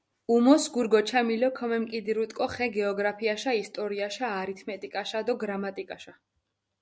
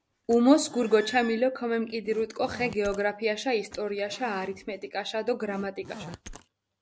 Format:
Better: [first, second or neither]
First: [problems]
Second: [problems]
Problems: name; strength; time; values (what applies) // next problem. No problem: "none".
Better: first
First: none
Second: background sound (Zipper (clothing) + Squeak); 19 dB below the speech